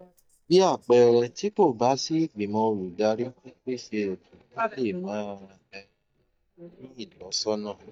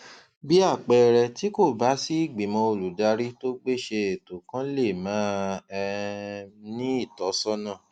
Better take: second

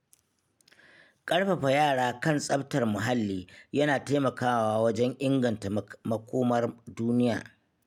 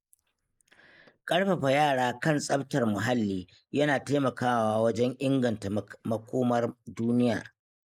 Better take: first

